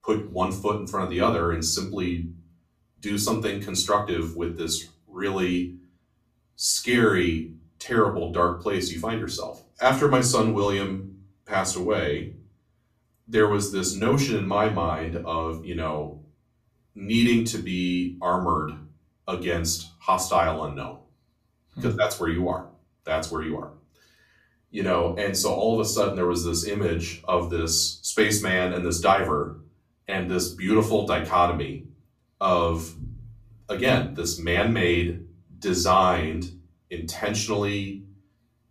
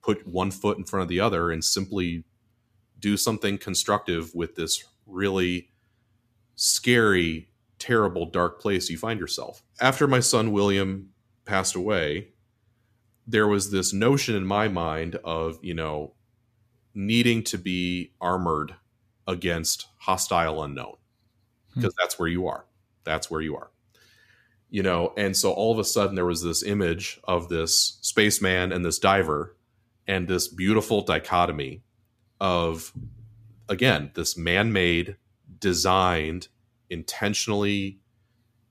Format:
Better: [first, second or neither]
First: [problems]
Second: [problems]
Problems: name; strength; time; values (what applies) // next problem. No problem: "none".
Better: second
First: off-mic speech; far // room echo; very slight; dies away in 0.3 s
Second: none